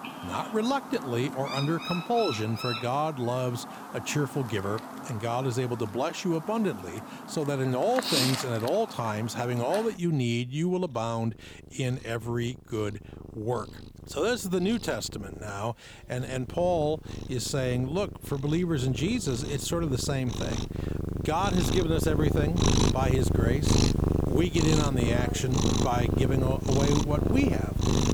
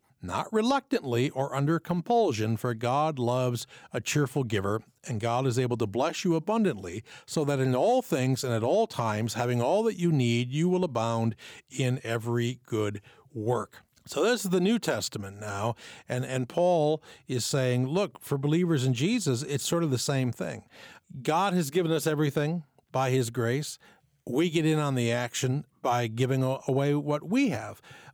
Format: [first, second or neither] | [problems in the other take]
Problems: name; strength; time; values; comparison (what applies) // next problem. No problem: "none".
second | animal sounds; loud; throughout; 1 dB below the speech